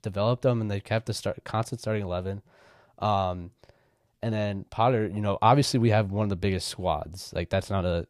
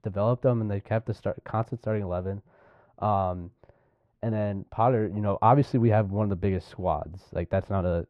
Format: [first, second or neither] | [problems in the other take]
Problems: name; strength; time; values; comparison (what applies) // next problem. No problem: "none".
first | muffled; very; fading above 3 kHz